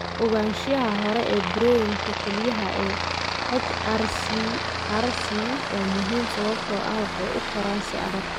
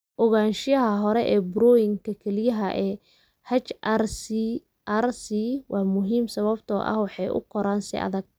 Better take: second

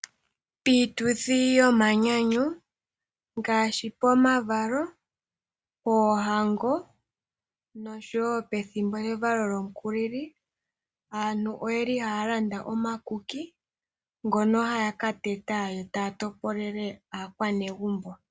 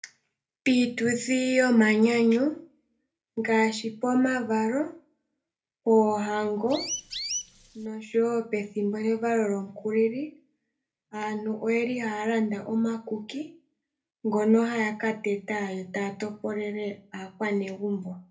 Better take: first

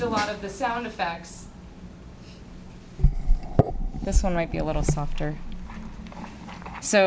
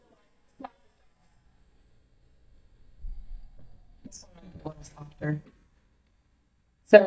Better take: first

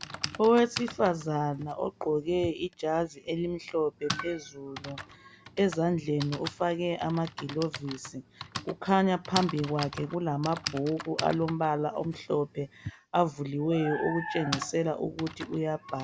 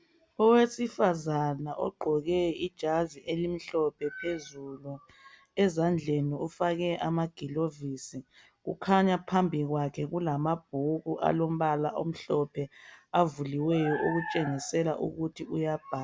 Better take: second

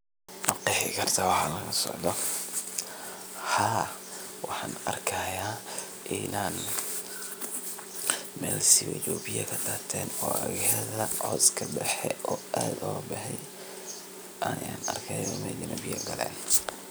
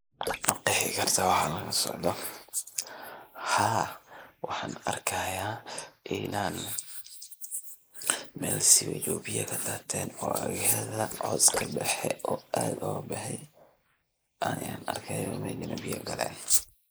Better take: first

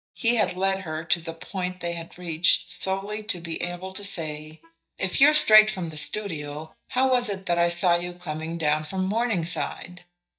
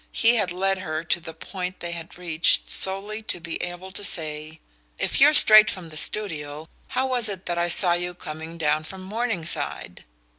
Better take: second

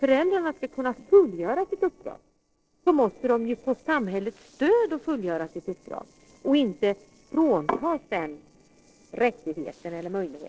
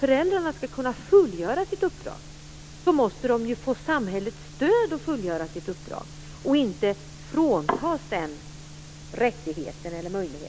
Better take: second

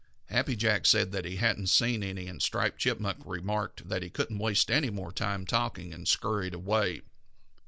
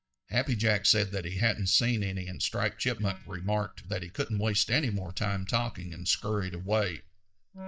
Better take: first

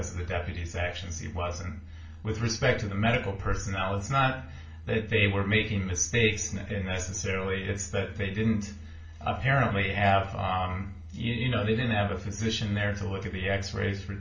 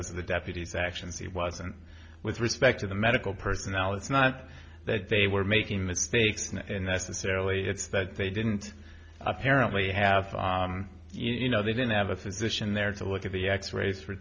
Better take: second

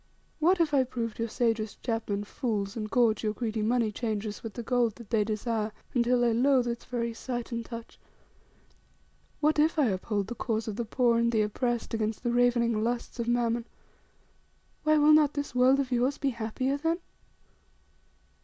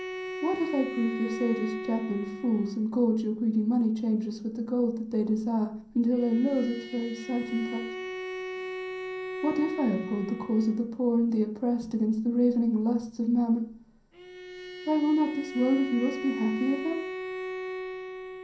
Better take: first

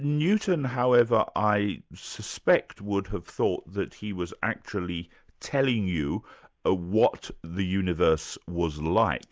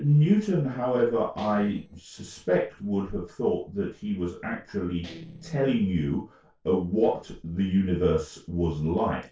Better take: first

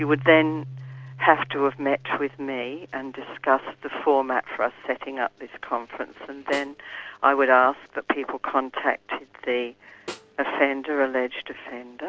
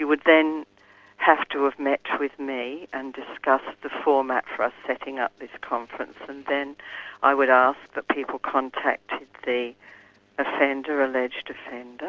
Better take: second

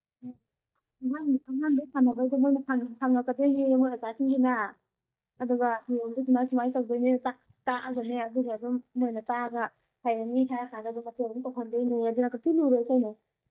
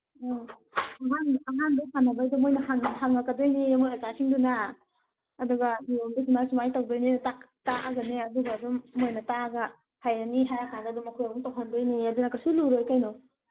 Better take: second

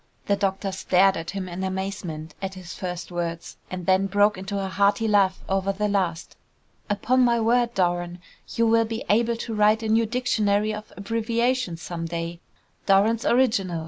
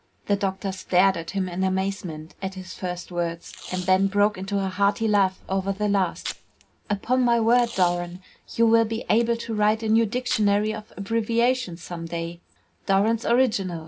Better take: first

